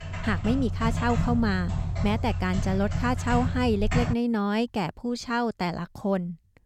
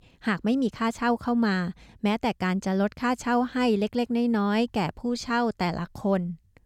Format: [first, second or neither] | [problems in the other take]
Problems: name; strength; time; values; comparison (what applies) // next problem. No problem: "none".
second | keyboard typing; loud; until 4 s; peak level with the speech